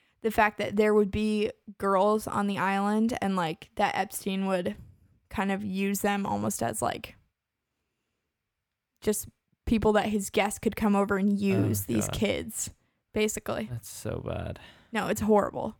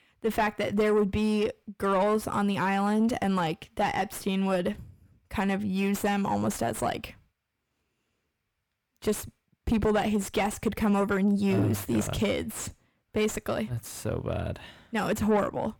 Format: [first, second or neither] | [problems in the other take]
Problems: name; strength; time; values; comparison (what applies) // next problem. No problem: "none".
first | distortion; slight; 10 dB below the speech